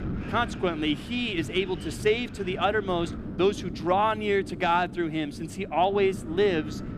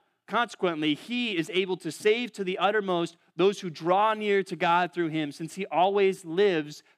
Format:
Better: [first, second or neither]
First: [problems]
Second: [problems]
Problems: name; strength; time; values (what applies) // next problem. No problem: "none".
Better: second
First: wind noise on the microphone; occasional gusts; 15 dB below the speech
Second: none